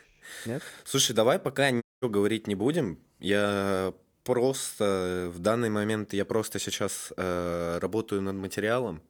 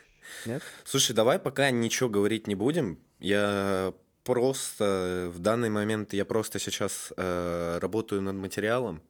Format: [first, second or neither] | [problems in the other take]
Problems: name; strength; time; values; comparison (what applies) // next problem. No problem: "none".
second | audio cutting out; at 2 s